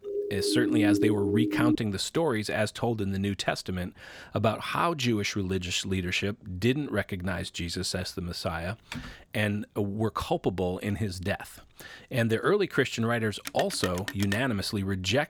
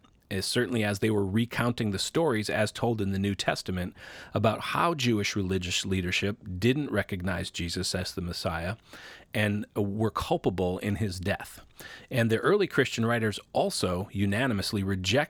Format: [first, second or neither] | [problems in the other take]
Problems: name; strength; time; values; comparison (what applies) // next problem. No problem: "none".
second | siren; loud; until 2 s; peak 5 dB above the speech // keyboard typing; faint; at 9 s; peak 10 dB below the speech // phone ringing; noticeable; at 13 s; peak 7 dB below the speech